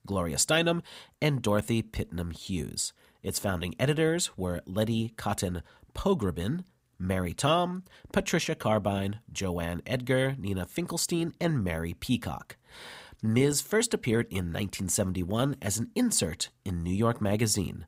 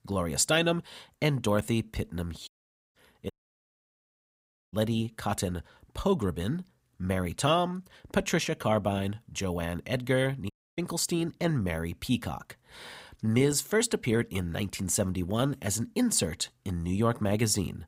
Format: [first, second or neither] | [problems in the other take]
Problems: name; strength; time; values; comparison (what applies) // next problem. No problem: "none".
first | audio cutting out; at 2.5 s, at 3.5 s for 1.5 s and at 11 s